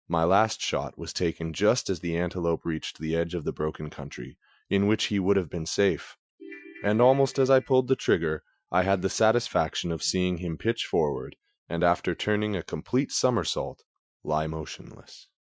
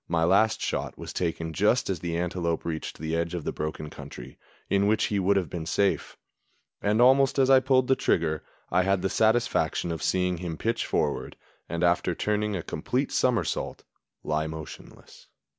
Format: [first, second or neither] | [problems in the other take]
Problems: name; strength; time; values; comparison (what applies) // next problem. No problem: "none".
second | noise reduction (classical method Wiener filter)